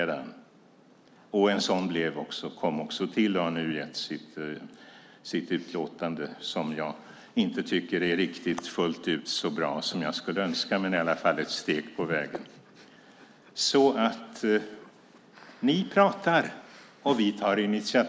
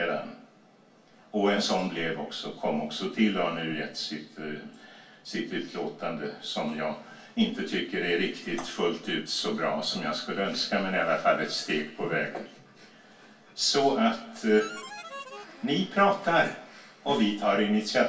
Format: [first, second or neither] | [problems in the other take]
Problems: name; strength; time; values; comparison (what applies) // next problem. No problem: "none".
first | background sound (Harmonica); 13 dB below the speech // room echo; dies away in 0.2 s